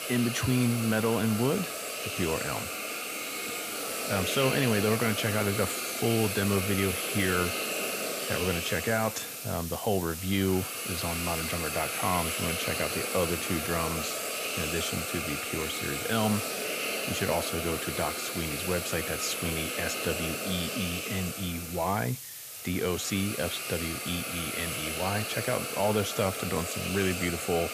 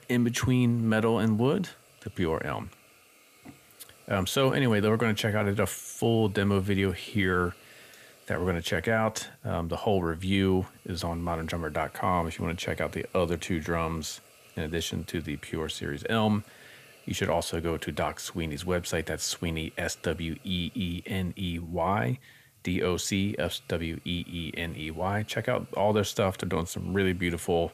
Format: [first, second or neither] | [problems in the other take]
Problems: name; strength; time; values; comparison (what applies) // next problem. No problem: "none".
second | hiss; loud; throughout; 1 dB below the speech; faint in the second